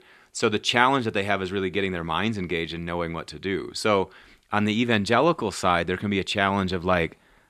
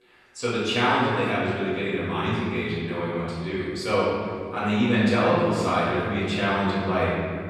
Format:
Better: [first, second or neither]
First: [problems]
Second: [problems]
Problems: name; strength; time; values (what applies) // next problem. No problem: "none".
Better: first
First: none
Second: room echo; strong; dies away in 2.5 s // off-mic speech; far